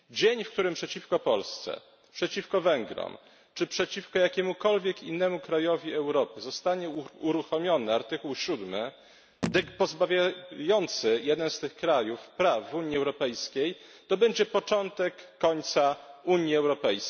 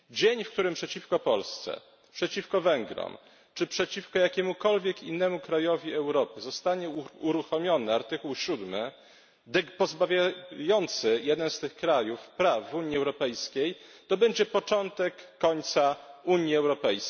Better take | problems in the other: second | background sound (Telephone); 10 dB below the speech

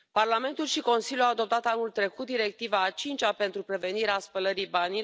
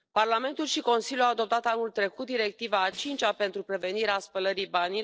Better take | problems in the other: first | noise reduction (neural separator model SepFormer DNS4)

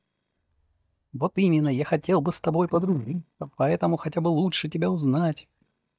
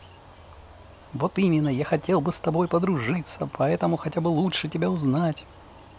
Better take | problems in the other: second | noise reduction (neural mask model DeepFilterNet 3)

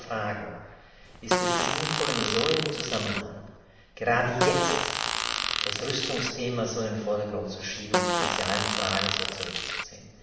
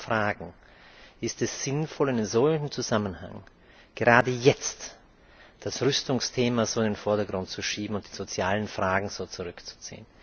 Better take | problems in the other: second | background sound (Fart); 2 dB above the speech // room echo; dies away in 1.2 s

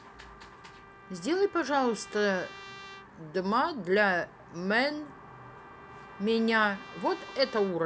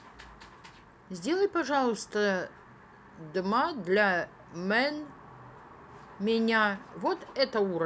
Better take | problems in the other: second | background sound (Trumpet); 20 dB below the speech

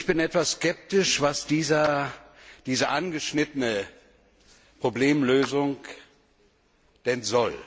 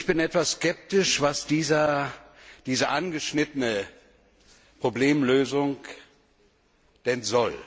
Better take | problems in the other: second | background sound (Clapping); 17 dB below the speech

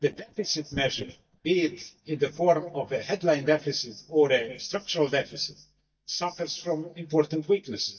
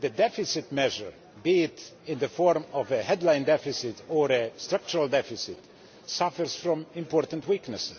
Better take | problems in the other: second | noise reduction (neural mask model DeepFilterNet 3)

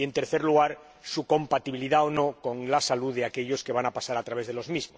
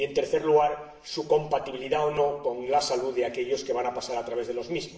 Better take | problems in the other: first | room echo; dies away in 0.8 s

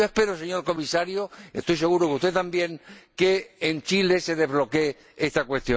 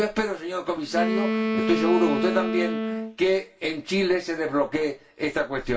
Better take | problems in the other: first | background sound (Wind instrument, woodwind instrument); 2 dB below the speech // room echo; dies away in 0.2 s

